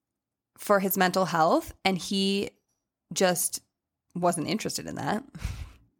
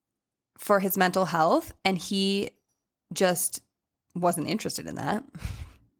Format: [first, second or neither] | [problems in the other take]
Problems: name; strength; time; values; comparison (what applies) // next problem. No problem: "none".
first | garbled, watery; slightly; nothing above 18.5 kHz